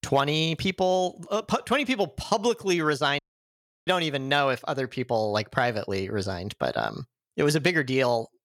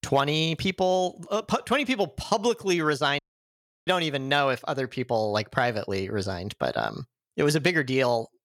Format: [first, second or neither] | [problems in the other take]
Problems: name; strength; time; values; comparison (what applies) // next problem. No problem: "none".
neither | audio cutting out; at 3 s for 0.5 s; the same in both